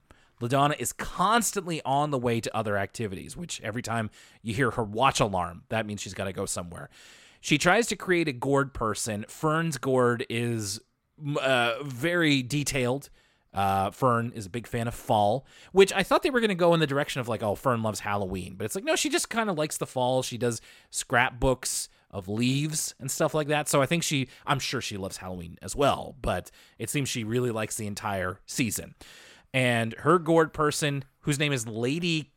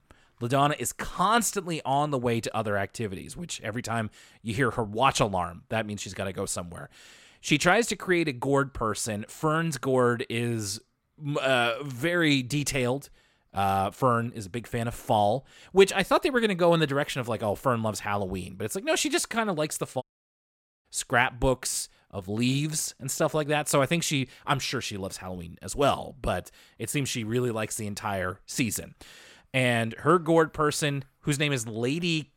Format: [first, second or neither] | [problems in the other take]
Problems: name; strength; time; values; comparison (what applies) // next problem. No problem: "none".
first | audio cutting out; at 20 s for 1 s